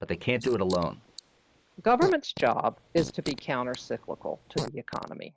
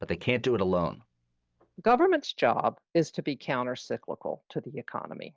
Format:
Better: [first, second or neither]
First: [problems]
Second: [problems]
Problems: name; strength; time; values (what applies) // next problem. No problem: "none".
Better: second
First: noise reduction (neural mask model Resemble Enhance denoiser)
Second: none